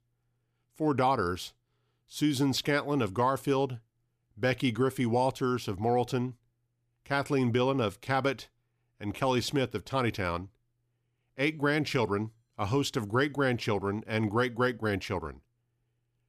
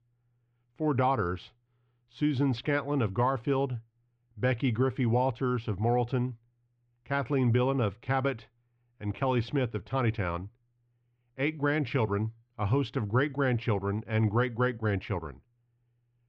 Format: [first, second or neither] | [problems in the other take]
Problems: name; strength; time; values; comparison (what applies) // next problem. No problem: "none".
first | muffled; slightly; fading above 3 kHz